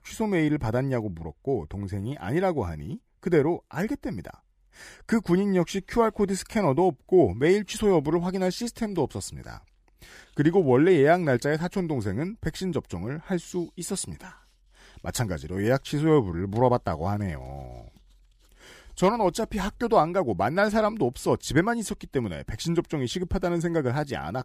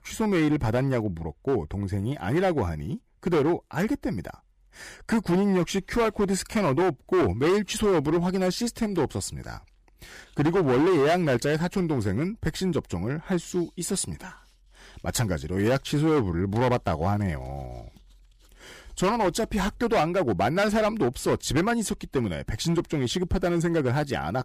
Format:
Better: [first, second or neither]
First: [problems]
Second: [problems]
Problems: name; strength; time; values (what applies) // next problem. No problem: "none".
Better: first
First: none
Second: distortion; heavy; 9% of the sound clipped